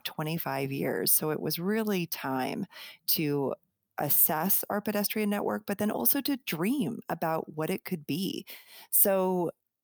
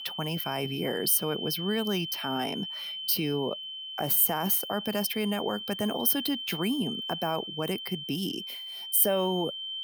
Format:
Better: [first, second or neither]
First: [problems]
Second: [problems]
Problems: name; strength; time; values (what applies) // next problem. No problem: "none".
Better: first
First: none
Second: high-pitched whine; loud; throughout; 3 kHz, 7 dB below the speech